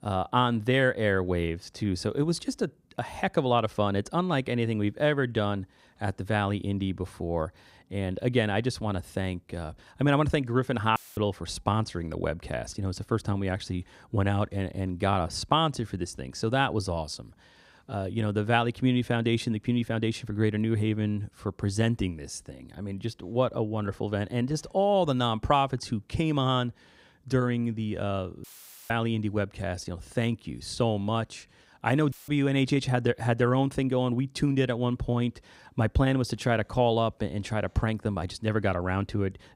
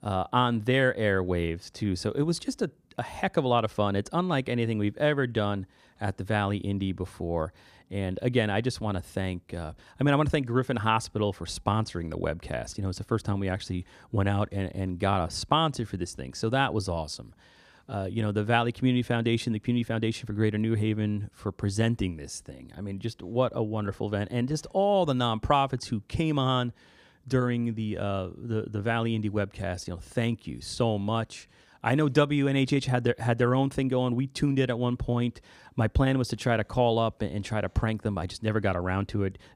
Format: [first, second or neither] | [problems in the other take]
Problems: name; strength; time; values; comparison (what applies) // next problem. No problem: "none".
second | audio cutting out; filled with static; at 11 s, at 28 s and at 32 s